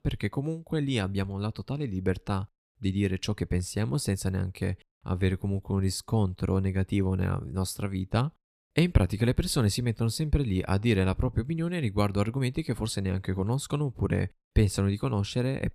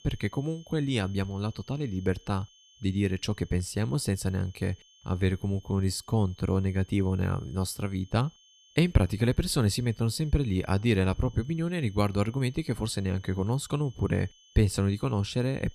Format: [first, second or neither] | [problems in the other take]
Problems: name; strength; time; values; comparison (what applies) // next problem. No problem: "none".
first | high-pitched whine; faint; throughout; 3 kHz, 25 dB below the speech